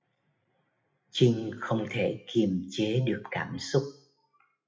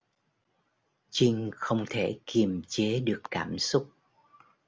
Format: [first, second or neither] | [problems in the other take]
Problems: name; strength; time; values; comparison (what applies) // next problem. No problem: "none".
second | noise reduction (classical method WPE with log-MMSE)